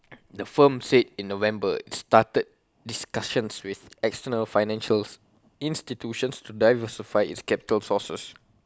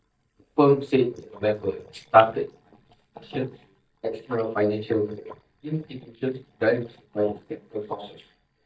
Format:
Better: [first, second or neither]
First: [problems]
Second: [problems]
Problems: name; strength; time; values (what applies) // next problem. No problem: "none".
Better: first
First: none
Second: noise reduction (neural mask model DeepFilterNet 3)